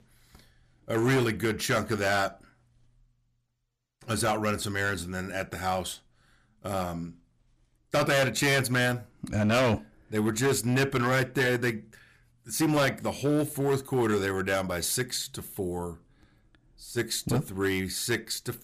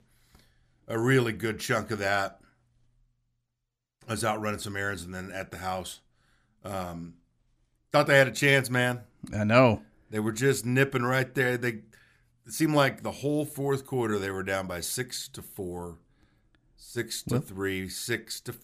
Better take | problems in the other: second | distortion; heavy; 7% of the sound clipped

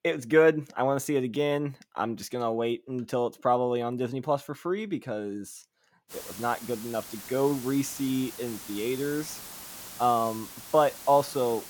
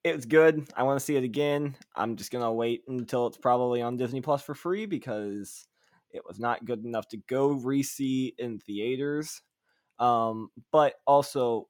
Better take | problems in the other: second | hiss; noticeable; from 6 s on; 10 dB below the speech

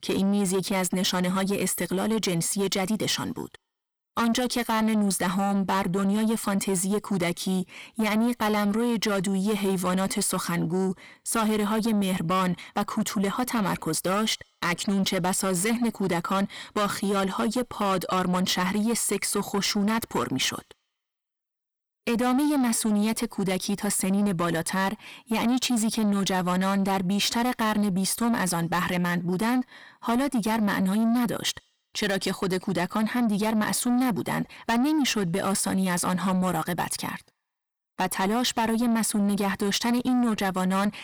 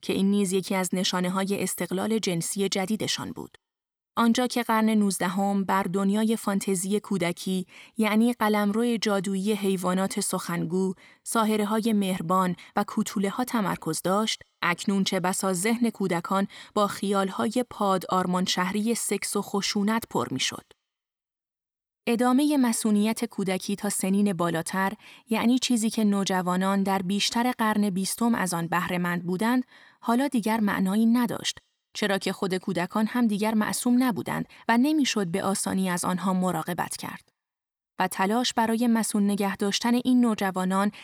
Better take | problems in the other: second | distortion; slight; 10 dB below the speech

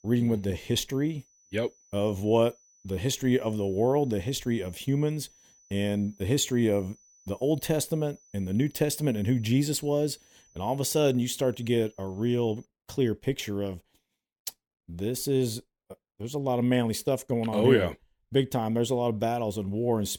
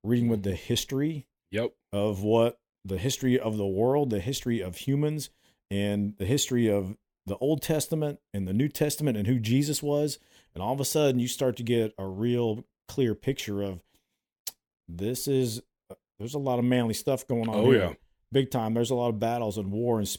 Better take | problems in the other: second | high-pitched whine; faint; until 13 s; 6 kHz, 30 dB below the speech

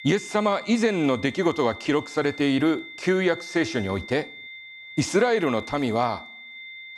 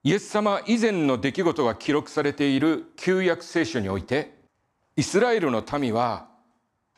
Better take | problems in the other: second | high-pitched whine; noticeable; throughout; 2 kHz, 15 dB below the speech

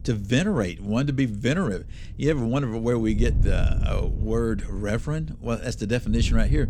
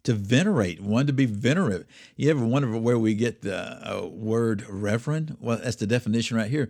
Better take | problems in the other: second | wind noise on the microphone; occasional gusts; 15 dB below the speech

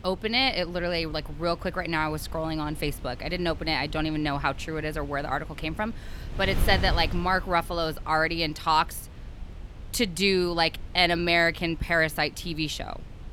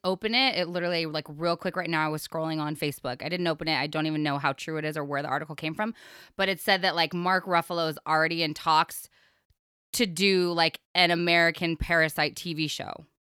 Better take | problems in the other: second | wind noise on the microphone; occasional gusts; 20 dB below the speech

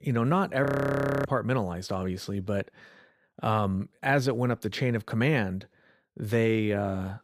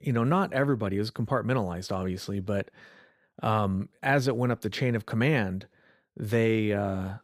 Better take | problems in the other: second | audio freezing; at 0.5 s for 0.5 s

